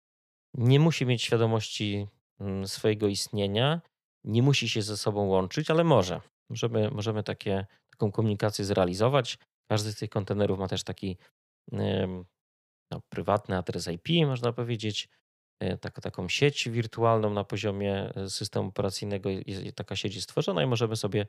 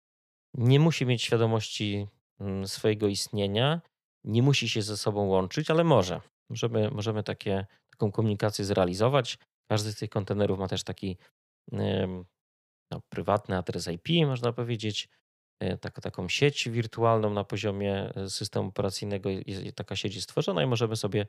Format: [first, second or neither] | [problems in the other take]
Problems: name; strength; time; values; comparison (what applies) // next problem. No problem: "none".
neither | none